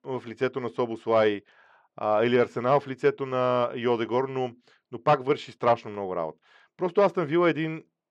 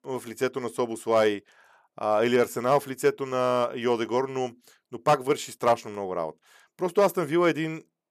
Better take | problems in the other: second | muffled; slightly; fading above 4 kHz

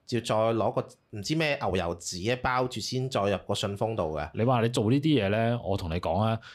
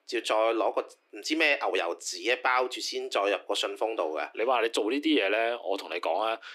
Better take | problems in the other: first | thin; somewhat; fading below 300 Hz

